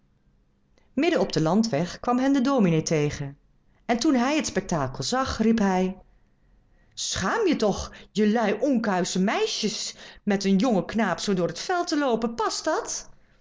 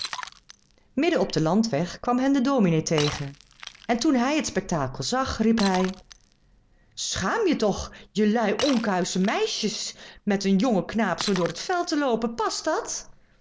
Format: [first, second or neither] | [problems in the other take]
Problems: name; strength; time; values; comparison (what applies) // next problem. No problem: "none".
first | background sound (Shatter); 16 dB below the speech